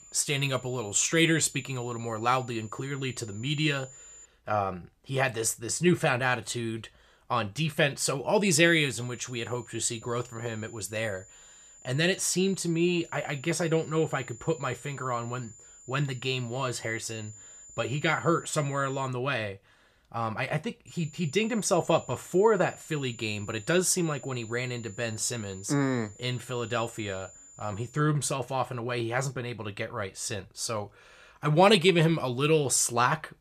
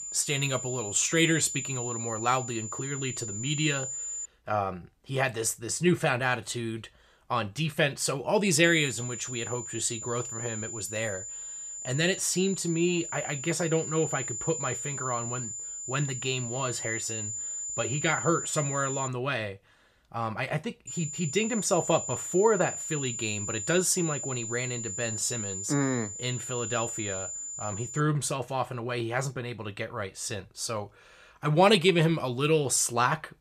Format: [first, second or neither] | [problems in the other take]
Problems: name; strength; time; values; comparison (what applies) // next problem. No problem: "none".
first | high-pitched whine; loud; until 4.5 s, from 8.5 to 19 s and from 21 to 28 s; 7 kHz, 5 dB below the speech; faint in the first